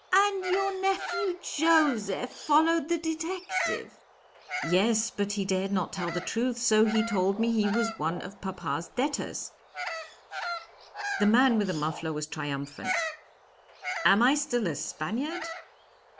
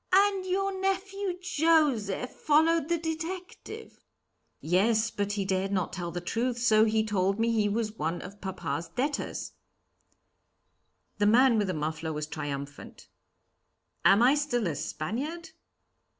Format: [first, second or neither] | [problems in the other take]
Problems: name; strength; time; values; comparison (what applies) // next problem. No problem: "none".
second | background sound (Bird vocalization, bird call, bird song); 10 dB below the speech